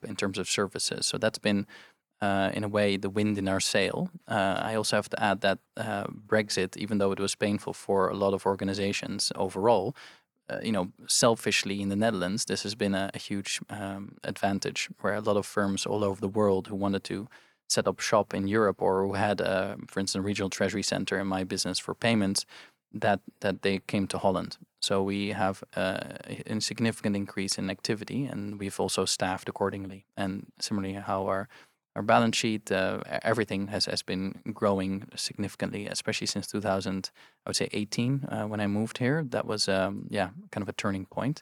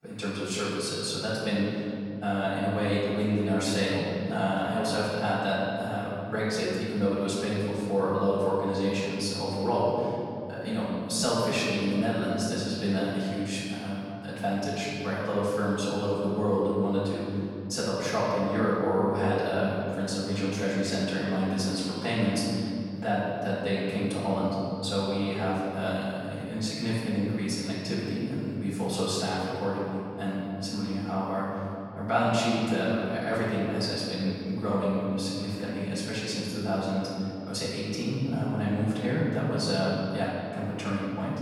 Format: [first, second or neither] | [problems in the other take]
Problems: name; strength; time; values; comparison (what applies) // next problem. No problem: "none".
first | room echo; strong; dies away in 2.9 s // off-mic speech; far